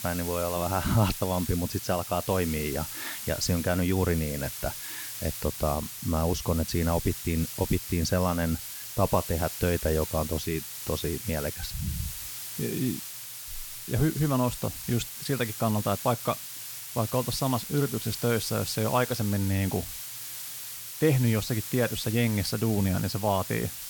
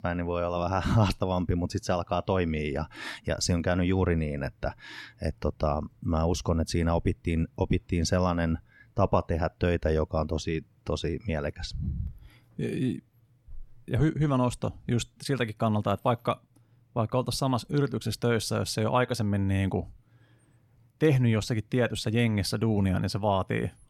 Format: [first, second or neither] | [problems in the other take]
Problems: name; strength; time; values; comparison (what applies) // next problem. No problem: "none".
second | hiss; loud; throughout; 7 dB below the speech